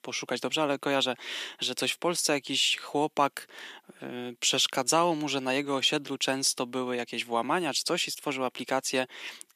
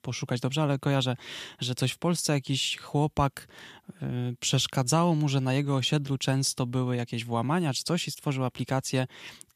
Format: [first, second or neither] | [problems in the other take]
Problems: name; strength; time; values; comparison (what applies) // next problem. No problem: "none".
second | thin; somewhat; fading below 300 Hz